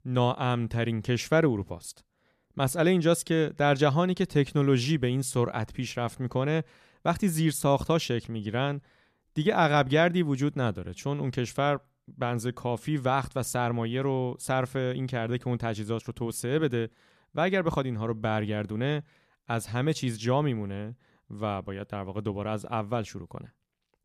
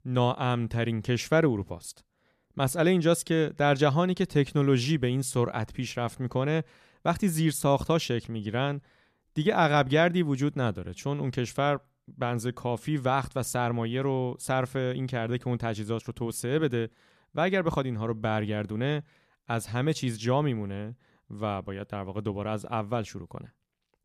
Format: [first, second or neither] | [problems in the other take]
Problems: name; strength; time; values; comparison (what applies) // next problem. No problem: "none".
neither | none